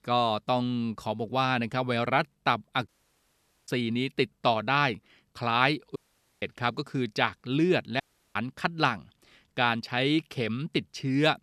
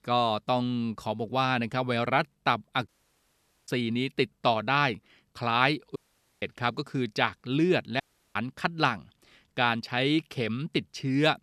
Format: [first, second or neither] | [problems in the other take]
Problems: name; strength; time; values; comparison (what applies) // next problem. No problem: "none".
neither | audio cutting out; at 3 s for 1 s, at 6 s and at 8 s; the same in both